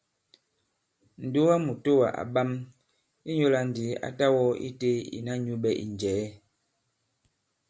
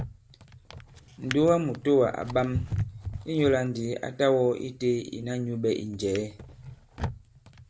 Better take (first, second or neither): first